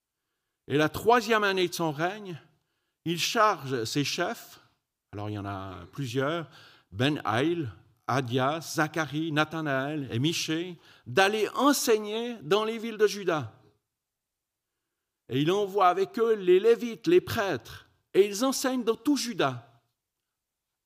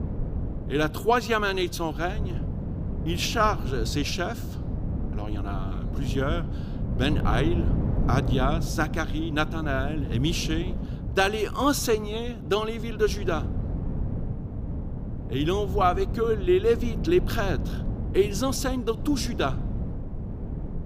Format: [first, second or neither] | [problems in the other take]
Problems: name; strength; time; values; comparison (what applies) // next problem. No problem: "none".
first | wind noise on the microphone; occasional gusts; 15 dB below the speech